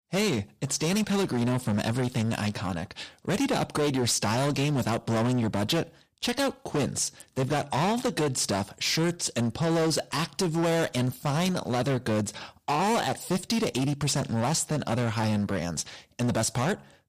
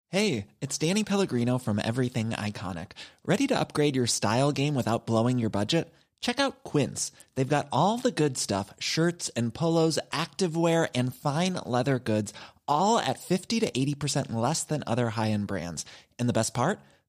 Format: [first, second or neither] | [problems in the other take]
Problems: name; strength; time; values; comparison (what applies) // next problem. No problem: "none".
second | distortion; heavy; 19% of the sound clipped